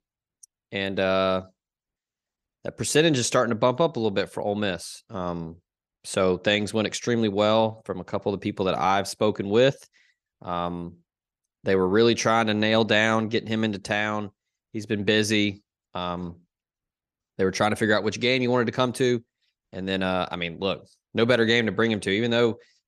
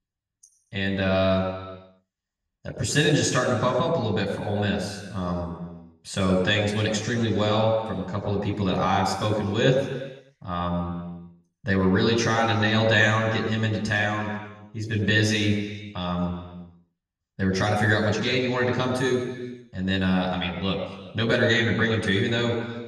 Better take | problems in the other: first | room echo; noticeable; dies away in 1.3 s // off-mic speech; somewhat distant

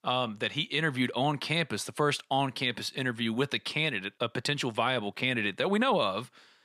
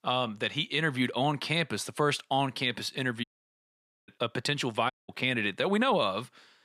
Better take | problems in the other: first | audio cutting out; at 3 s for 1 s and at 5 s

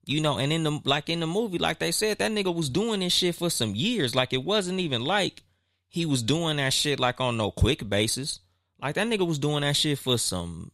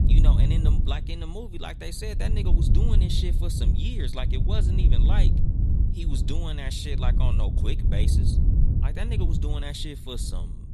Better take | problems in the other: first | wind noise on the microphone; heavy; 3 dB below the speech

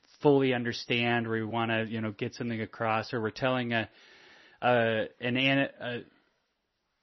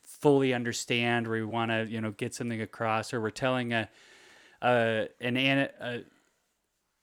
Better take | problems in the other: second | garbled, watery; slightly; nothing above 6 kHz

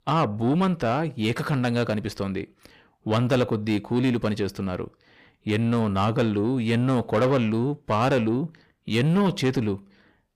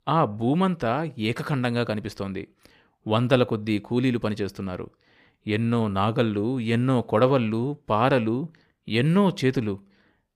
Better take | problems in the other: second | distortion; slight; 10 dB below the speech

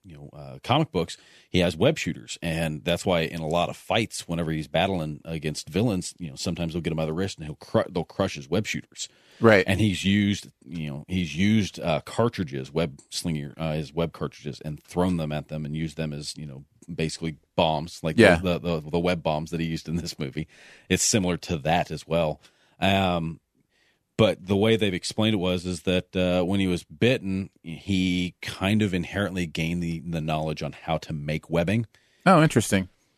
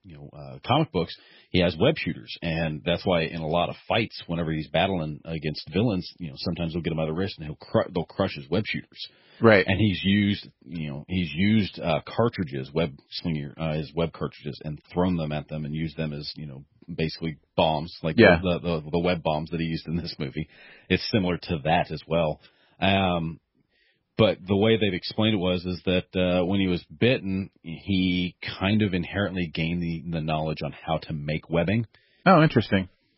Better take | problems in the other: first | garbled, watery; badly; nothing above 5.5 kHz

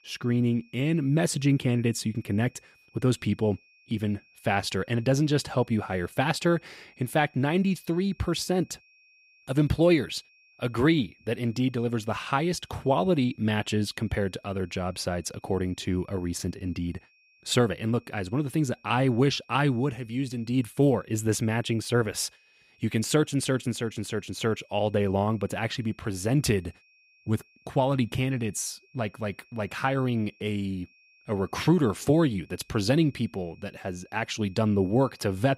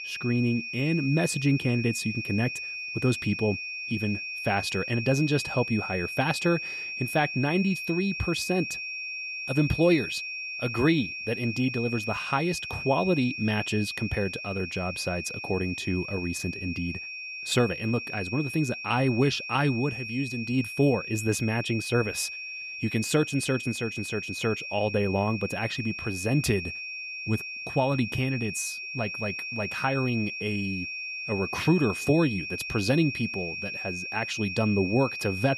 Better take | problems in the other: first | high-pitched whine; loud; throughout; 2.5 kHz, 5 dB below the speech; faint in the first

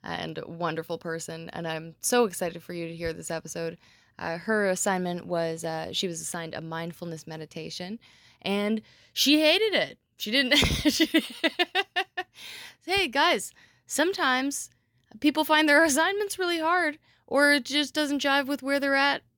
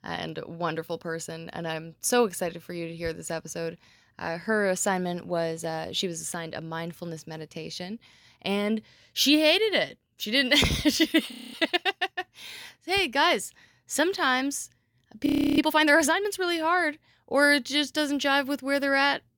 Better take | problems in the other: first | audio freezing; at 11 s and at 15 s

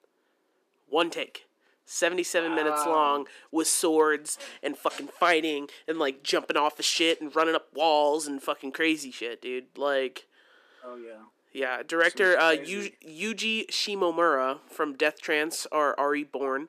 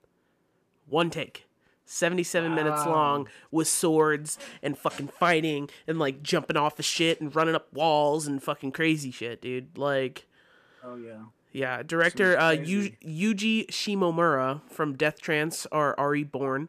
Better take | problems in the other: second | thin; somewhat; fading below 300 Hz

